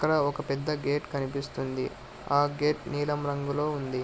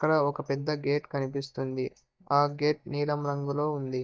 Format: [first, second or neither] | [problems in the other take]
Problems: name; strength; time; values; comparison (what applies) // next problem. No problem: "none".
first | noise reduction (neural mask model DeepFilterNet 3)